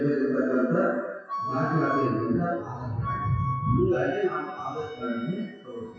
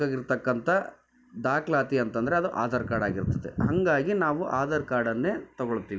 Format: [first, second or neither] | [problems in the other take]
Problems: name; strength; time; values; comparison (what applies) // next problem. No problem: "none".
second | noise reduction (classical method WPE with log-MMSE)